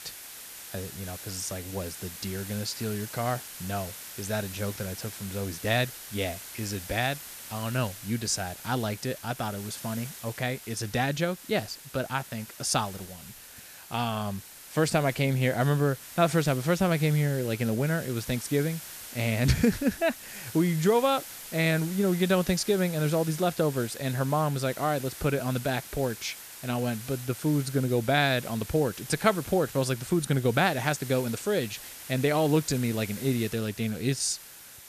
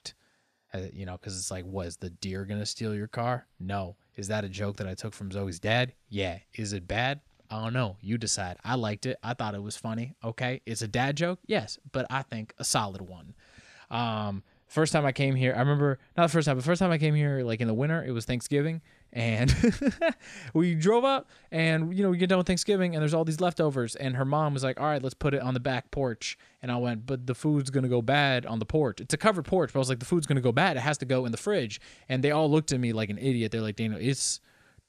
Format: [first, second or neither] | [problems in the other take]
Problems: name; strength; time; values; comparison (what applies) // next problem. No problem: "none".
second | hiss; noticeable; throughout; 10 dB below the speech